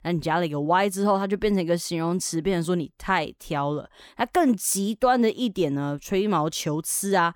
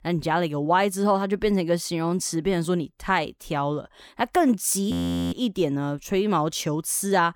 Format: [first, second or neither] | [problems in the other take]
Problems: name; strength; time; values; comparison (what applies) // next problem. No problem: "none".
first | audio freezing; at 5 s